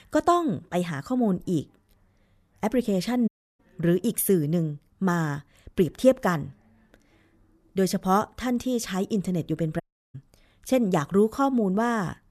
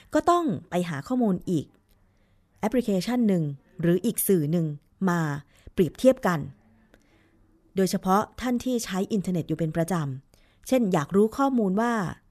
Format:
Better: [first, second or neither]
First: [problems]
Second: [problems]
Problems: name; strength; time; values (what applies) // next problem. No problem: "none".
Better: second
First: audio cutting out; at 3.5 s and at 10 s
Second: none